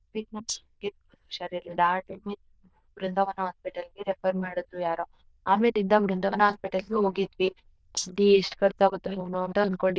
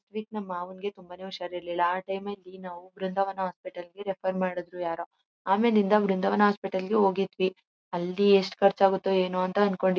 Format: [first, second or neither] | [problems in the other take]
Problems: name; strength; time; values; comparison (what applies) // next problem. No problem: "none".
second | noise reduction (neural diffusion model UNIVERSE++)